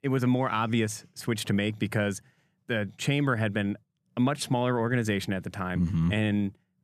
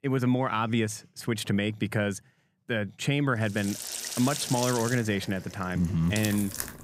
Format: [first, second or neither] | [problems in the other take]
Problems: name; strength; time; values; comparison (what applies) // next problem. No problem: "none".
first | household noises; loud; from 3.5 s on; 6 dB below the speech